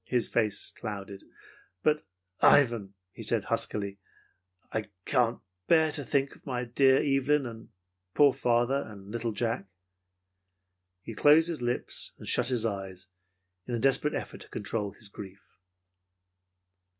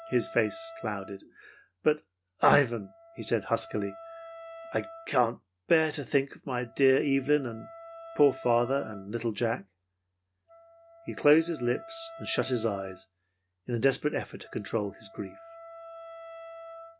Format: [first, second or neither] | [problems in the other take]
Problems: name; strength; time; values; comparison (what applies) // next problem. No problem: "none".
first | background sound (Wind instrument, woodwind instrument); 17 dB below the speech